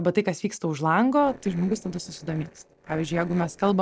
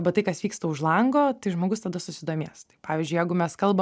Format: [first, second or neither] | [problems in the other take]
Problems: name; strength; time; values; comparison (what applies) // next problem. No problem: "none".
second | noise reduction (neural separator model SepFormer DNS4)